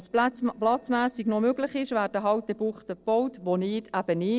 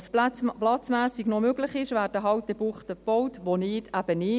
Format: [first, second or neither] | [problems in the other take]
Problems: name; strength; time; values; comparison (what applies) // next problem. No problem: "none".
second | noise reduction (neural separator model SepFormer DNS4)